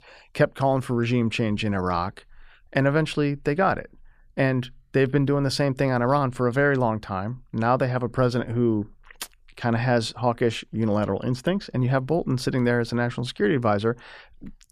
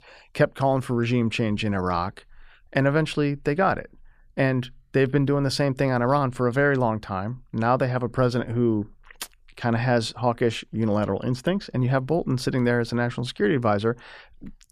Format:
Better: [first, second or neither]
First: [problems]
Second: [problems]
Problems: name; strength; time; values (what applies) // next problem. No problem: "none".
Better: neither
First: none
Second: none